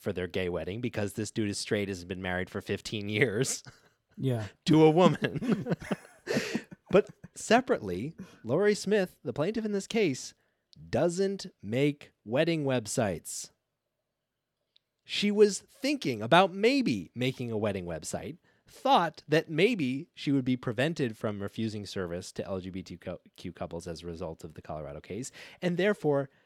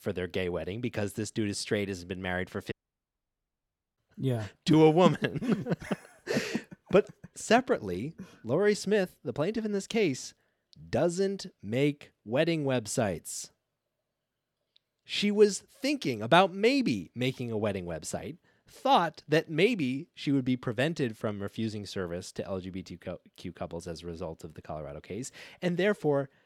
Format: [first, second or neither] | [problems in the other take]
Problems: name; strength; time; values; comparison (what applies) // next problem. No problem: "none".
first | audio cutting out; at 2.5 s for 1.5 s